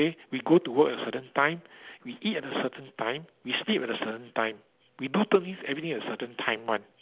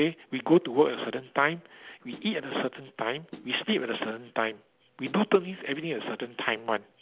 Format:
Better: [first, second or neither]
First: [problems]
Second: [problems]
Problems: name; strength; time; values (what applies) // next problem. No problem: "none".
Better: first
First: none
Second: background sound (Snare drum); 20 dB below the speech